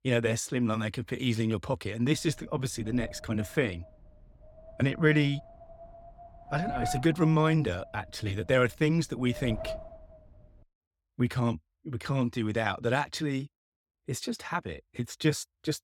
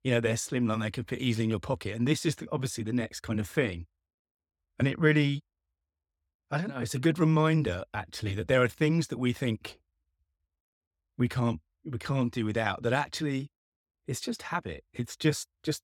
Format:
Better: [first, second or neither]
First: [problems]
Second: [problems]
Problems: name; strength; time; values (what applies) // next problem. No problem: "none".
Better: second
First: wind noise on the microphone; heavy; from 2 to 11 s; 10 dB below the speech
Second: none